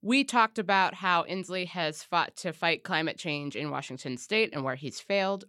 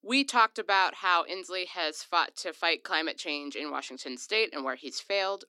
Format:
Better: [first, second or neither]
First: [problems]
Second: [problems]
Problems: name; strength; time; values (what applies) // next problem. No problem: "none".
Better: first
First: none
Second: thin; very slightly; fading below 250 Hz